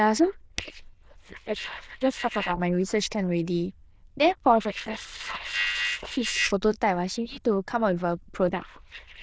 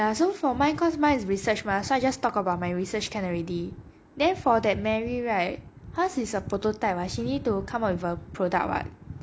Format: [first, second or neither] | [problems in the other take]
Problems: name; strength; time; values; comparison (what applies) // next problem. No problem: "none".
second | noise reduction (neural diffusion model UNIVERSE++)